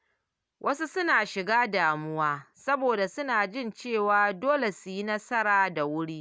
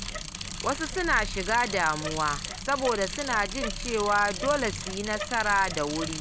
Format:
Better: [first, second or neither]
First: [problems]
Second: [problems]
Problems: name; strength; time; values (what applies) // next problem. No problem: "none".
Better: first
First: none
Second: background sound (Bicycle); 7 dB below the speech